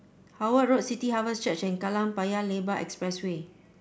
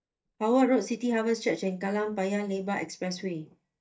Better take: first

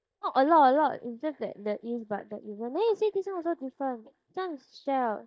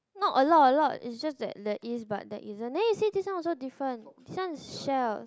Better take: second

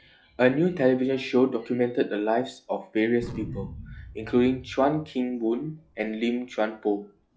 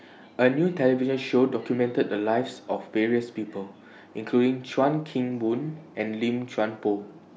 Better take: second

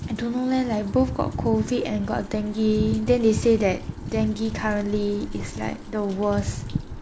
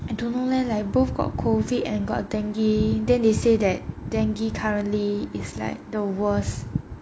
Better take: second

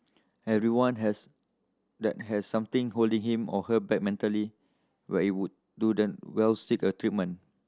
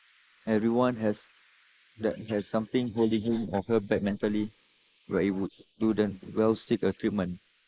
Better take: first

